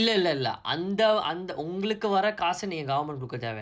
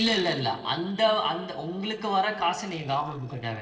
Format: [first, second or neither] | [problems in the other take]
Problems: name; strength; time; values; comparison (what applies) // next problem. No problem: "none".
first | noise reduction (neural separator model SepFormer DNS4)